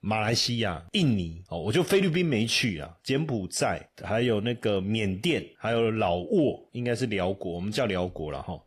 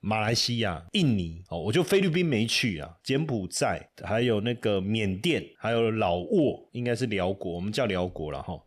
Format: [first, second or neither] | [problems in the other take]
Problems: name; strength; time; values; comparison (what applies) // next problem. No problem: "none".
second | garbled, watery; slightly; nothing above 14.5 kHz